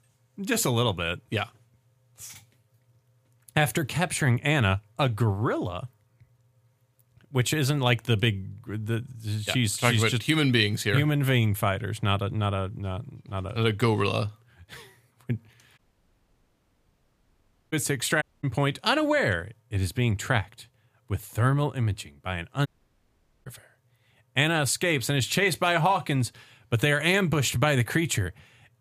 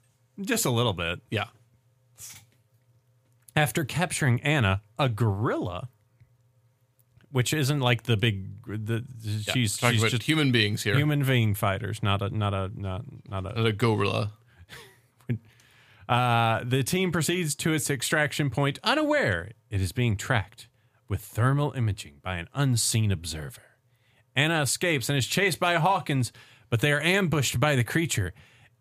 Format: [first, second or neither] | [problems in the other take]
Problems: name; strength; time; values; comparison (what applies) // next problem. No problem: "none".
second | audio cutting out; at 16 s for 2 s, at 18 s and at 23 s for 1 s